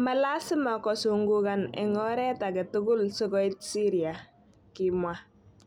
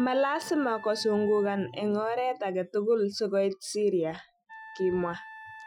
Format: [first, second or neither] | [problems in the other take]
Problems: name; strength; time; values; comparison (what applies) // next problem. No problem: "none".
first | noise reduction (classical method Wiener filter)